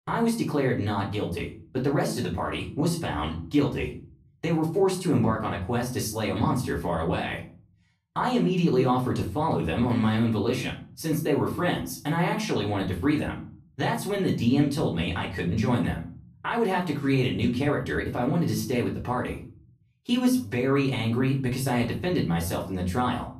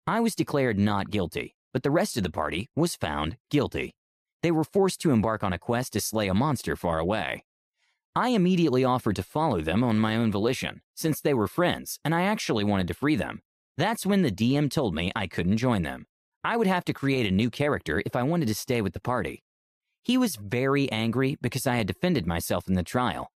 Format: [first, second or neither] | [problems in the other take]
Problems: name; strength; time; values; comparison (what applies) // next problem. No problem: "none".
second | off-mic speech; far // room echo; slight; dies away in 0.4 s